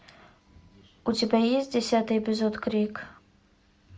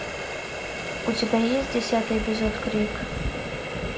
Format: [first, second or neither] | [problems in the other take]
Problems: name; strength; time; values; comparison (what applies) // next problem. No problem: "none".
first | background sound (Water tap, faucet + Thunder / Rain); 3 dB below the speech